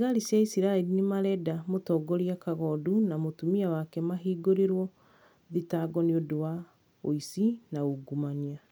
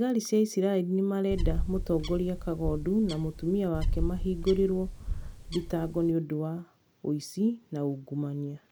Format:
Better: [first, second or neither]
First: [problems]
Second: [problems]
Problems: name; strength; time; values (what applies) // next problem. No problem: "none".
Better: first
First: none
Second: background sound (Bird); 3 dB below the speech